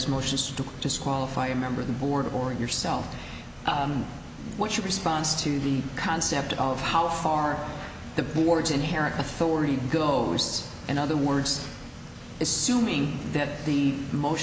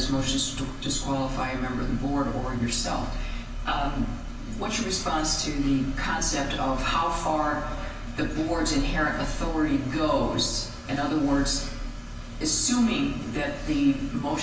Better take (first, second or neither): first